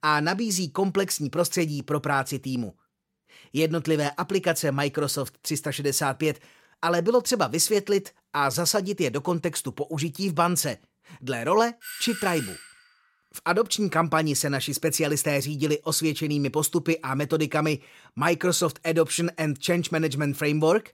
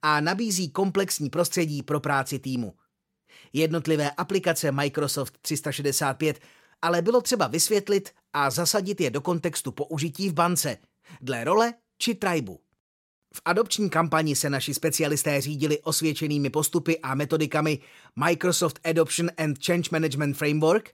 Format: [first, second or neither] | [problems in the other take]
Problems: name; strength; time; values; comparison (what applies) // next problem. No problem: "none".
second | doorbell; noticeable; at 12 s; peak 9 dB below the speech